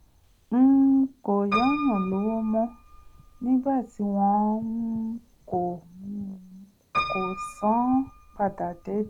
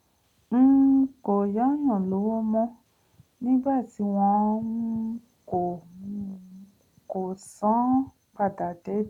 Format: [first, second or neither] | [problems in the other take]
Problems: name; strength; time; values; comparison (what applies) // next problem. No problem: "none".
second | background sound (Piano); 12 dB below the speech